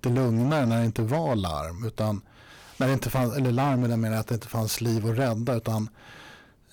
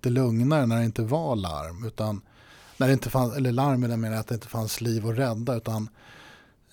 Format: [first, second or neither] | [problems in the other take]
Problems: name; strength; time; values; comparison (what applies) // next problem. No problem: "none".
second | distortion; slight; 12% of the sound clipped